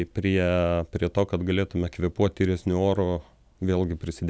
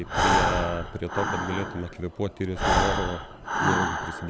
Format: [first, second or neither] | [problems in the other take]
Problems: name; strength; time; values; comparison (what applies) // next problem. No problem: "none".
first | background sound (Breathing); 4 dB above the speech